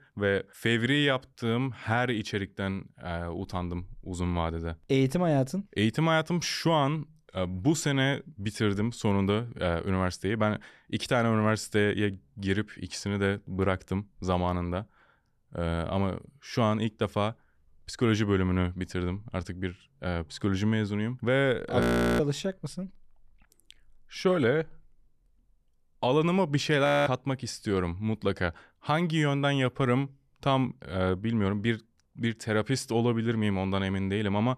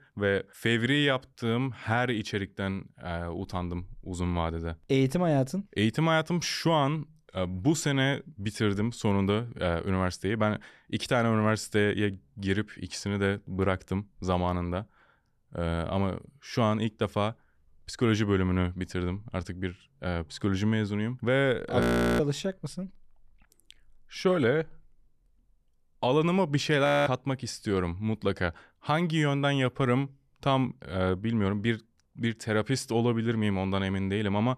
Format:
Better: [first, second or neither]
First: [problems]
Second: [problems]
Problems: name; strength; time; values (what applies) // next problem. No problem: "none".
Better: neither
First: audio freezing; at 22 s and at 27 s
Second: audio freezing; at 22 s and at 27 s